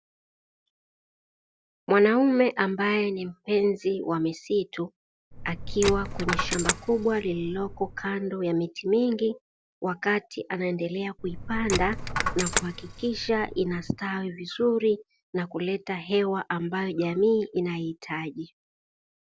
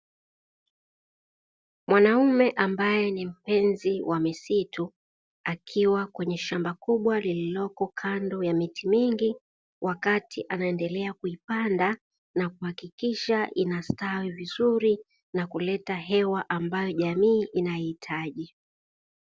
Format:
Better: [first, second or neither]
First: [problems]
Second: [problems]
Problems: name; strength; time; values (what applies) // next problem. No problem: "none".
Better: second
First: background sound (Coin (dropping)); 4 dB below the speech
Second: none